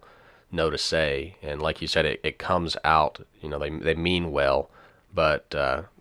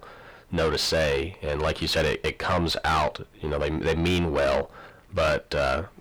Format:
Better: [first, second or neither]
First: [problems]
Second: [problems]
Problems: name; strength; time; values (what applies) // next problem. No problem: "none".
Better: first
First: none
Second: distortion; heavy; 5 dB below the speech